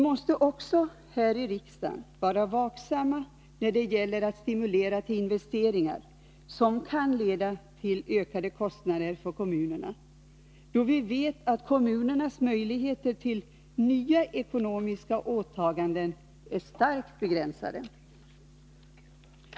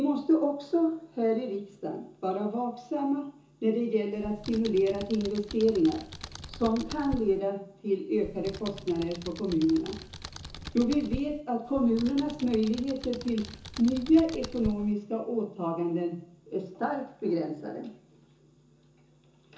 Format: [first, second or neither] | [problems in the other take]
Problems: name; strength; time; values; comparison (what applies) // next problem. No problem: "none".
first | background sound (Computer keyboard); 13 dB below the speech // room echo; dies away in 0.7 s